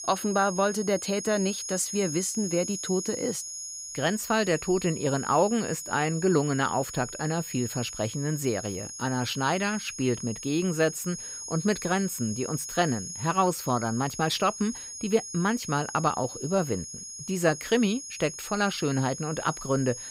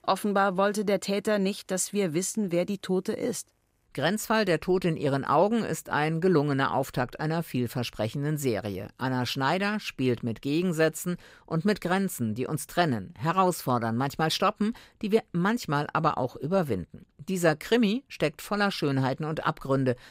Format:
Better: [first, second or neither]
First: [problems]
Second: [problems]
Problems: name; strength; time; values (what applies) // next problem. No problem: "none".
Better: second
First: high-pitched whine; loud; throughout; 6.5 kHz, 8 dB below the speech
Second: none